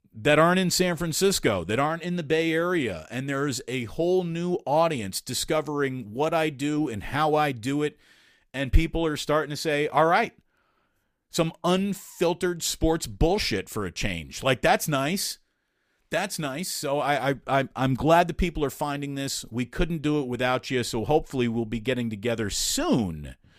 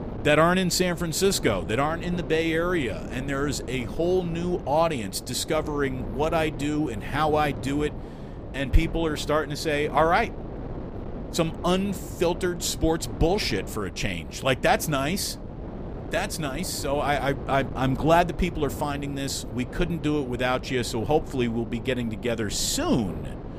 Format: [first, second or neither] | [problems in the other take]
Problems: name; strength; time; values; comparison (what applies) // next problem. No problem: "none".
first | wind noise on the microphone; occasional gusts; 15 dB below the speech